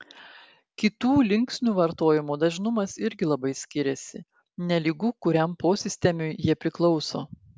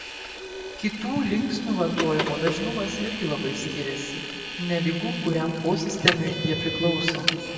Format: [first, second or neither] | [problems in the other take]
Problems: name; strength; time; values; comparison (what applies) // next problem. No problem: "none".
first | background sound (Vehicle); 5 dB below the speech // room echo; dies away in 2.2 s